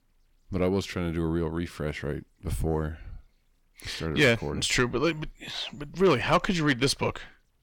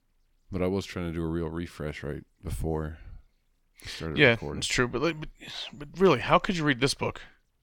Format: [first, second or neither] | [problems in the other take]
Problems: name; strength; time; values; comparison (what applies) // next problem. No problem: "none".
second | distortion; slight; 10 dB below the speech